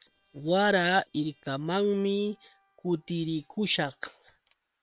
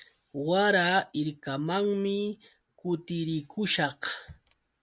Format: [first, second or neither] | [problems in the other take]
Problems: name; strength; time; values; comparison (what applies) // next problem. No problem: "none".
second | noise reduction (neural separator model SepFormer WHAM!)